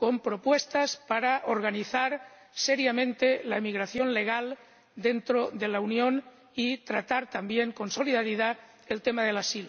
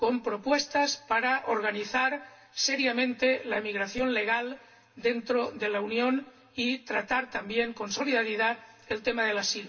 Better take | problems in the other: first | room echo; dies away in 0.2 s

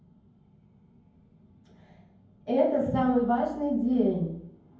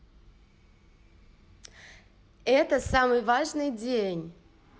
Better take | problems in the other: second | room echo; dies away in 0.9 s

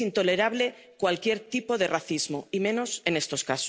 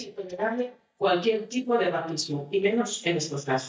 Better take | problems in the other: first | noise reduction (neural mask model DeepFilterNet 3)

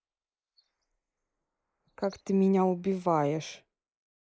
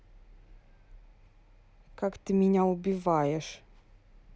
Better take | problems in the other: second | noise reduction (neural mask model Resemble Enhance denoiser)

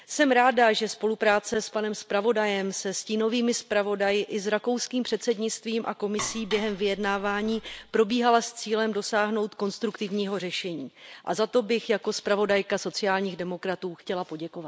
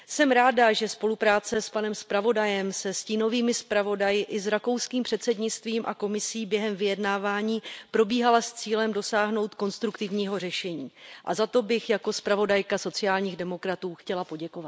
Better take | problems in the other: second | background sound (Dishes, pots, and pans); 14 dB below the speech

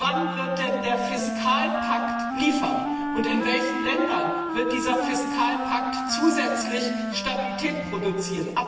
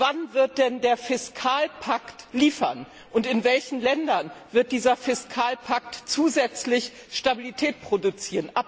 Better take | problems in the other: second | background sound (Wind instrument, woodwind instrument); 3 dB below the speech // room echo; dies away in 1.4 s

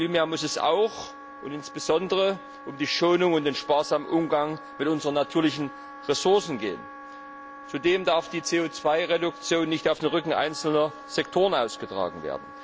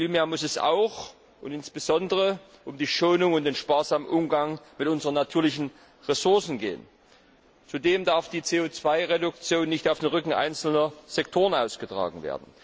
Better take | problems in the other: second | background sound (Wind instrument, woodwind instrument); 17 dB below the speech

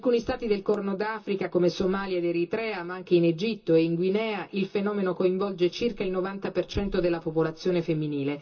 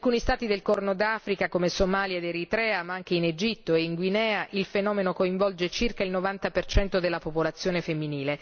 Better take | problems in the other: second | room echo; dies away in 0.2 s

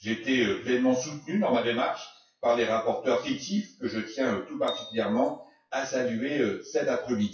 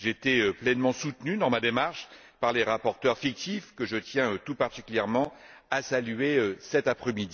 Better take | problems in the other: second | noise reduction (classical method WPE with log-MMSE)

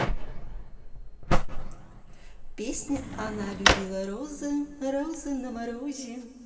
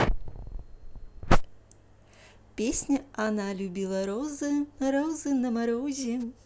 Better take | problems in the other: second | background sound (Drawer open or close); 2 dB below the speech // room echo; dies away in 2.5 s

